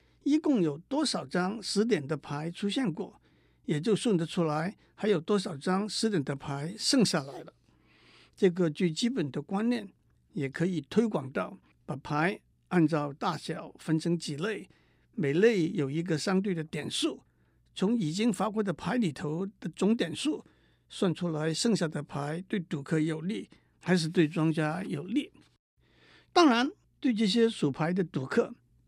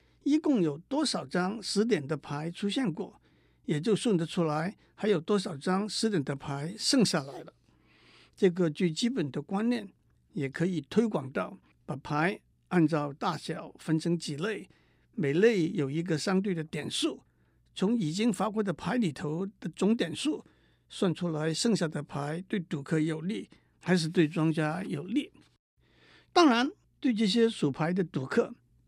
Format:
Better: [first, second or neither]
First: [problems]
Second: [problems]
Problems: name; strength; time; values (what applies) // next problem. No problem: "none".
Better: neither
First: none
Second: none